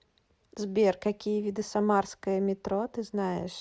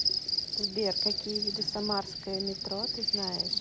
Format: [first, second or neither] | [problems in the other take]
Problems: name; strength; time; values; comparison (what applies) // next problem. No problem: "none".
first | background sound (Cricket); 4 dB above the speech